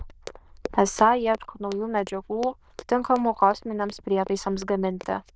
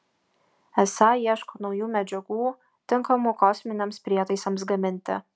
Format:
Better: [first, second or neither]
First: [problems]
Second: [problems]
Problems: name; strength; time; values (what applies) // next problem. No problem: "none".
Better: second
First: noise reduction (neural diffusion model UNIVERSE++)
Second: none